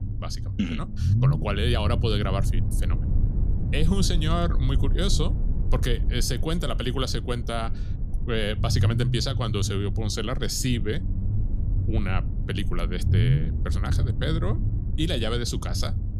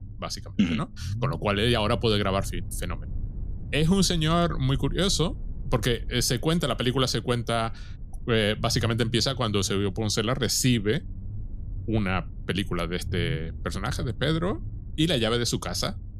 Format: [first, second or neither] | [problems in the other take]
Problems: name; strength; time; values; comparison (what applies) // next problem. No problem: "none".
second | low rumble; loud; throughout; 10 dB below the speech; faint in the second